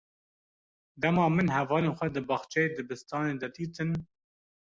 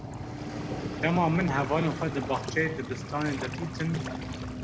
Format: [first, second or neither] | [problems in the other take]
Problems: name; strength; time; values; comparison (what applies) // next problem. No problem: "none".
first | background sound (Waves, surf); 5 dB below the speech // room echo; dies away in 1 s